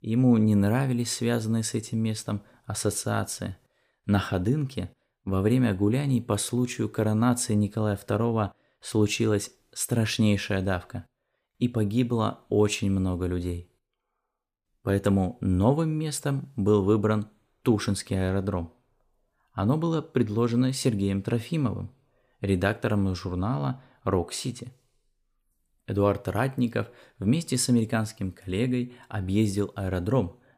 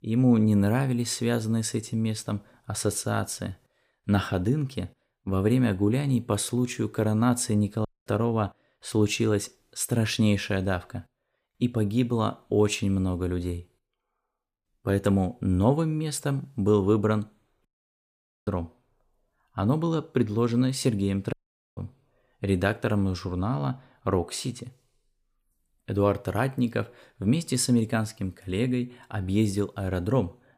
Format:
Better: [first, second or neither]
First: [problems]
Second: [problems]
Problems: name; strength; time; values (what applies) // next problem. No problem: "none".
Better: first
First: none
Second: audio cutting out; at 8 s, at 18 s for 1 s and at 21 s